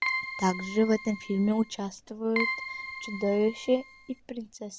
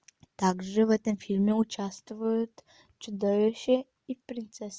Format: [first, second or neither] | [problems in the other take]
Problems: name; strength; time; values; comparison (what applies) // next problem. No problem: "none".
second | background sound (Keyboard (musical)); 8 dB below the speech